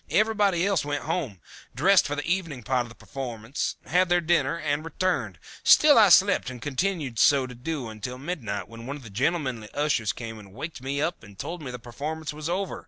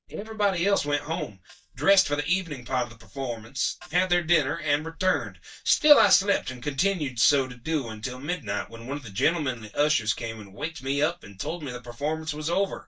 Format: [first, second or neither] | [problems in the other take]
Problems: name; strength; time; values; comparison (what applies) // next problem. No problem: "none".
first | noise reduction (neural mask model DeepFilterNet 3)